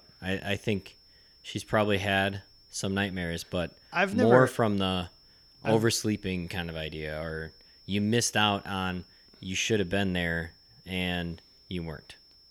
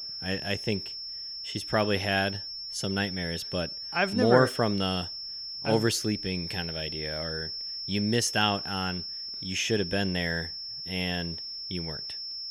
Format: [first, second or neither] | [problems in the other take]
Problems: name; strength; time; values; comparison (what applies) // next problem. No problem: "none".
first | high-pitched whine; loud; throughout; 5.5 kHz, 5 dB below the speech; faint in the first